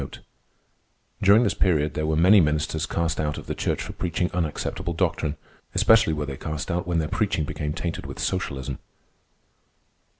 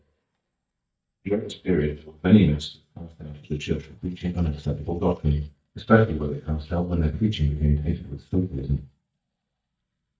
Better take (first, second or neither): first